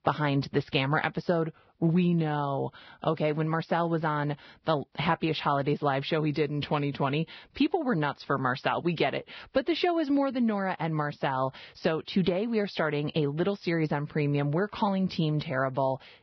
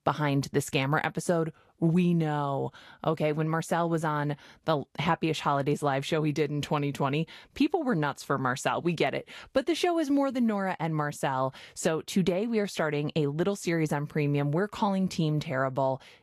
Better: second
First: garbled, watery; badly; nothing above 5.5 kHz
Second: garbled, watery; slightly; nothing above 12.5 kHz

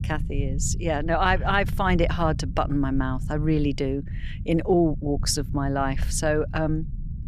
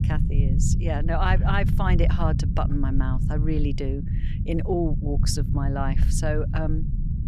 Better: first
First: low rumble; faint; throughout; 20 dB below the speech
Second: low rumble; loud; throughout; 8 dB below the speech

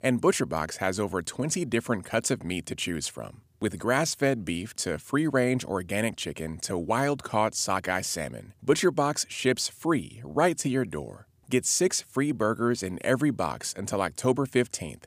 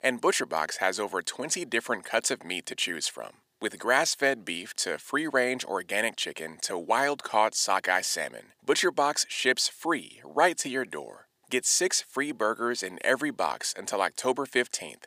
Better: first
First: none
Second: thin; somewhat; fading below 400 Hz

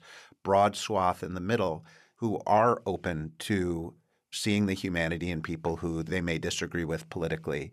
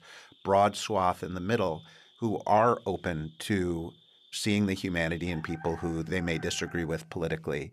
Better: first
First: none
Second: animal sounds; faint; throughout; 25 dB below the speech

